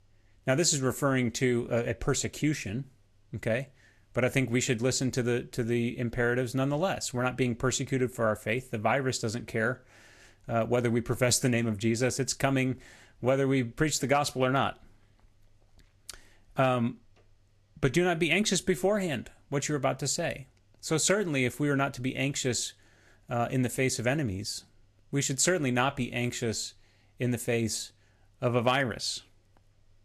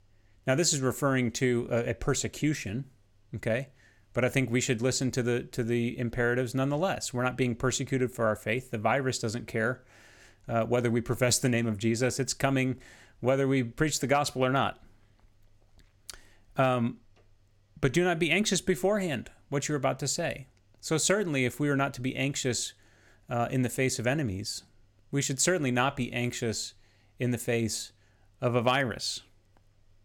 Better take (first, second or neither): second